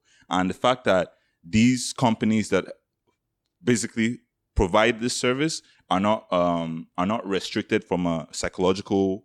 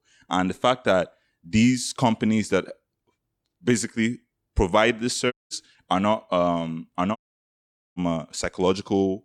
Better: first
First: none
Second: audio cutting out; at 5.5 s and at 7 s for 1 s

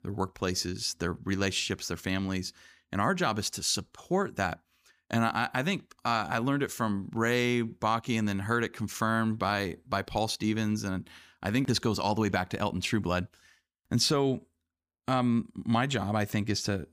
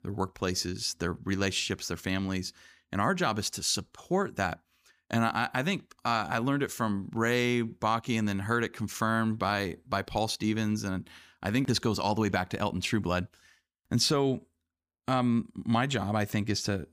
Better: neither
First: none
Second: none

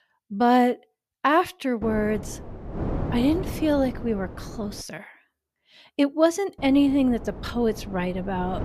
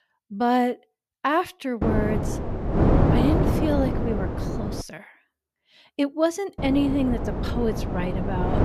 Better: first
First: wind noise on the microphone; occasional gusts; from 2 to 5 s and from 6.5 s on; 15 dB below the speech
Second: wind noise on the microphone; heavy; from 2 to 5 s and from 6.5 s on; 3 dB below the speech

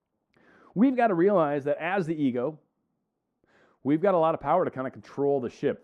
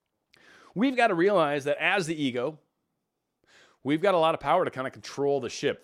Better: second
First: muffled; very; fading above 2 kHz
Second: none

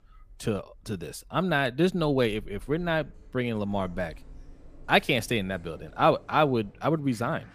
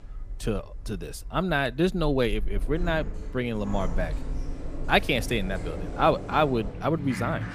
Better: first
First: household noises; faint; throughout; 25 dB below the speech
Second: household noises; loud; throughout; 9 dB below the speech

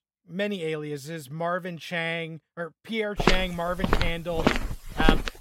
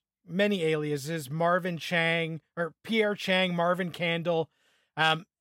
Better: second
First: footsteps; loud; from 3 s on; peak 6 dB above the speech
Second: none

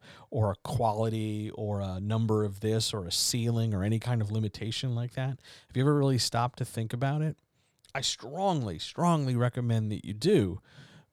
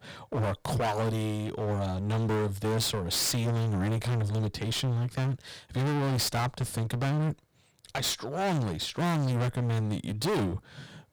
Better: first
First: none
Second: distortion; heavy; 32% of the sound clipped

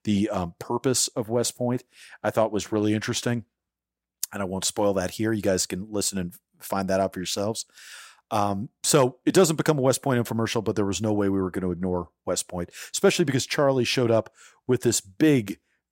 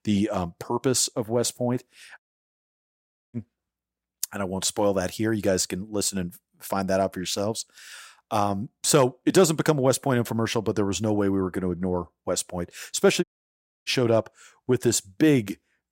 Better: first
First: none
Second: audio cutting out; at 2 s for 1 s and at 13 s for 0.5 s

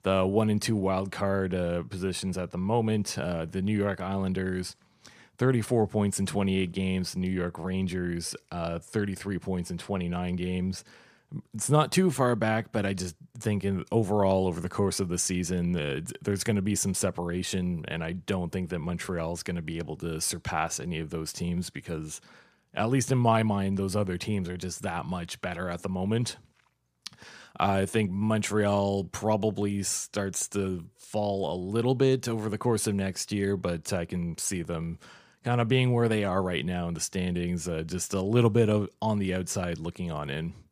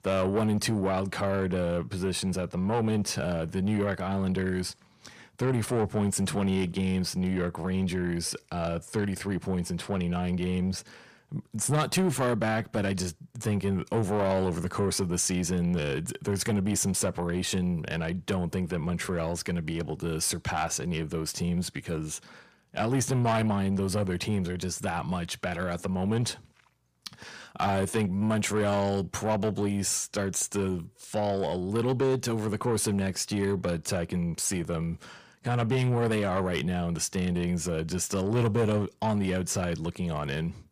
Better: first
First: none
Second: distortion; slight; 10 dB below the speech

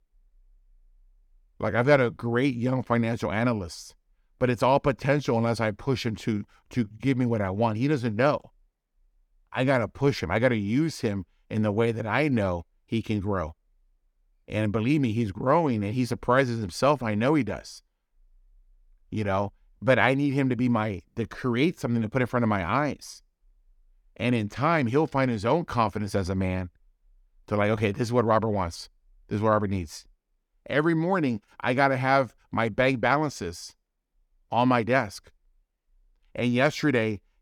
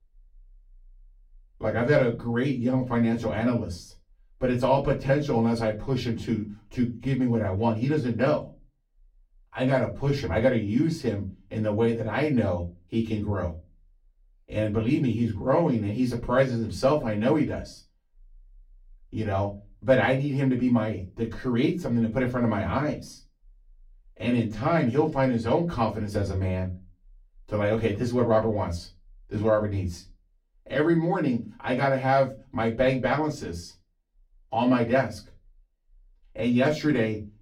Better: first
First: none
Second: off-mic speech; far // room echo; very slight; dies away in 0.3 s

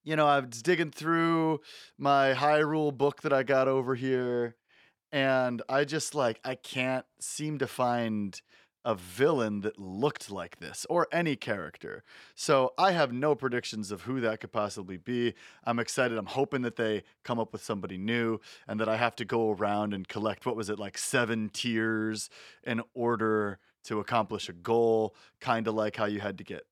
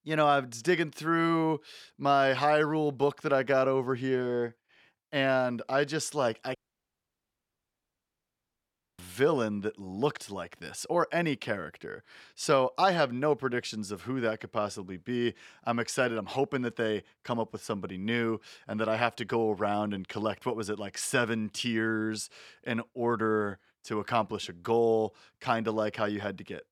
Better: first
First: none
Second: audio cutting out; at 6.5 s for 2.5 s

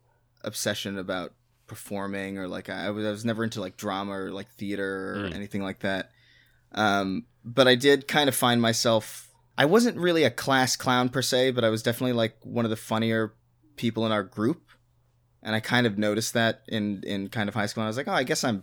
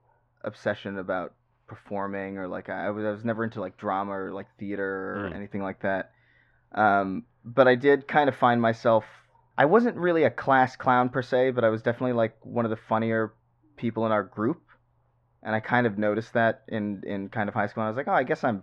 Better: first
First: none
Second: muffled; very; fading above 1.5 kHz

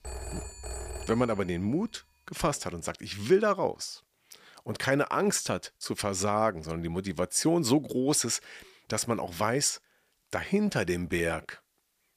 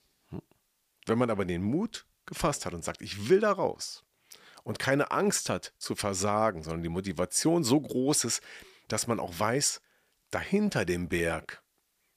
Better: second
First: phone ringing; noticeable; until 1.5 s; peak 10 dB below the speech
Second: none

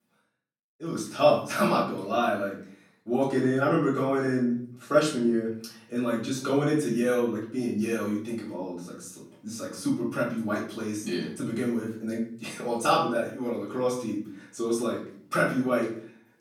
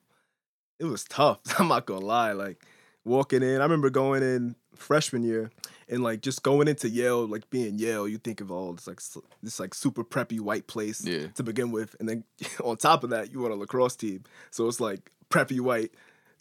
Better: second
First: room echo; noticeable; dies away in 0.5 s // off-mic speech; far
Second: none

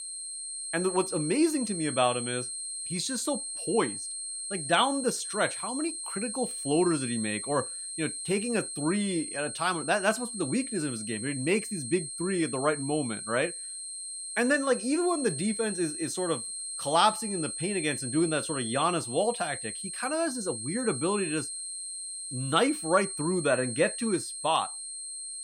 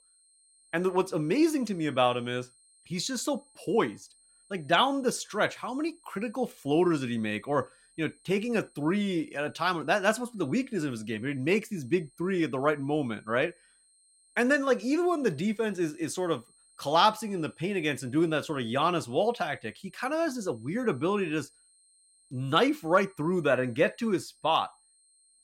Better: second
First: high-pitched whine; loud; throughout; 8.5 kHz, 5 dB below the speech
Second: high-pitched whine; faint; throughout; 8.5 kHz, 30 dB below the speech

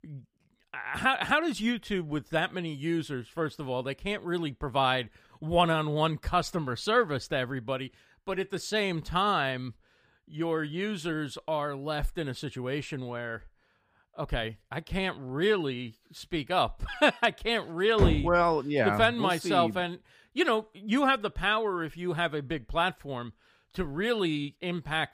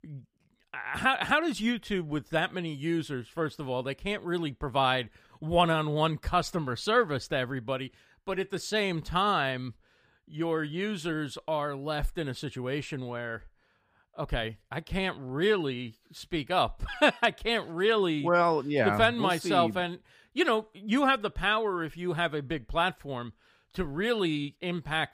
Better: second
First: door banging; loud; at 18 s; peak 2 dB above the speech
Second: none

